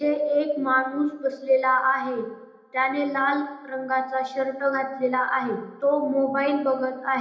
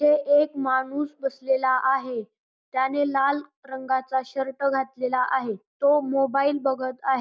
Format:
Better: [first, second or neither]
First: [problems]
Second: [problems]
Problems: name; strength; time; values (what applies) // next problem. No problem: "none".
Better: second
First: room echo; dies away in 1 s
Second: none